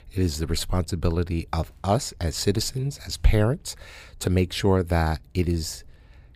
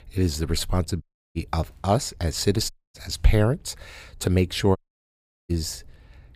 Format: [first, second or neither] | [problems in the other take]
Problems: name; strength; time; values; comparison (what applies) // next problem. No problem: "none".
first | audio cutting out; at 1 s, at 2.5 s and at 5 s for 0.5 s